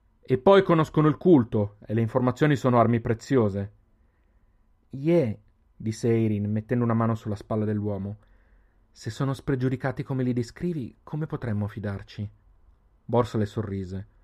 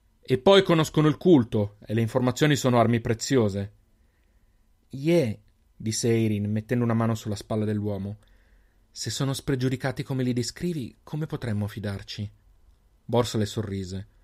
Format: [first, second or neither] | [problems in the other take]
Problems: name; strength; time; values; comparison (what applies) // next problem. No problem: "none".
second | muffled; slightly; fading above 2.5 kHz